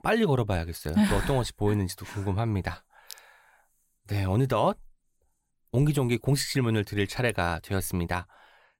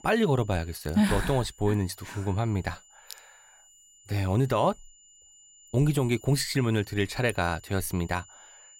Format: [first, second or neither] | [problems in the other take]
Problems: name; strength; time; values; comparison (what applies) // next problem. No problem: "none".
first | high-pitched whine; faint; throughout; 7 kHz, 25 dB below the speech